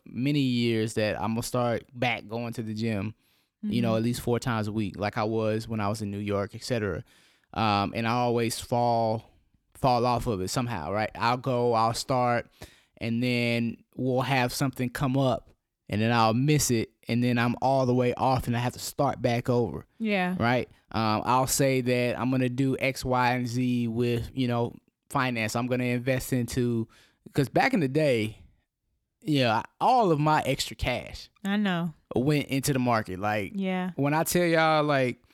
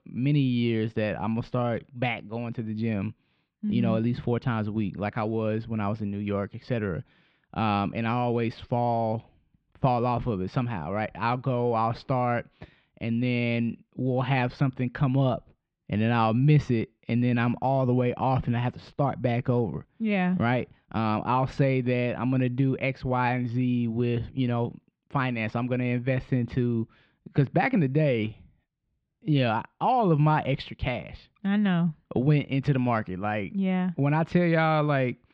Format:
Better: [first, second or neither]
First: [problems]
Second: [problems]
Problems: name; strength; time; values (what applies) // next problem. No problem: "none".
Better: first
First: none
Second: muffled; slightly; fading above 3.5 kHz